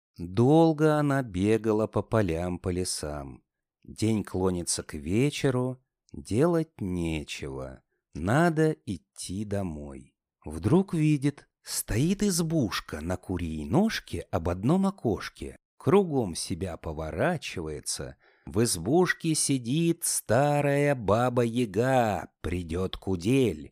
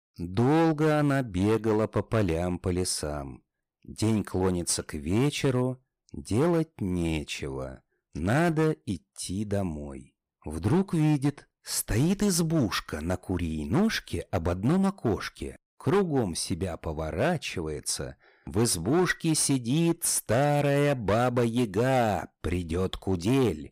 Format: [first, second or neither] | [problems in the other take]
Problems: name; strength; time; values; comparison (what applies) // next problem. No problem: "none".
first | distortion; slight; 8% of the sound clipped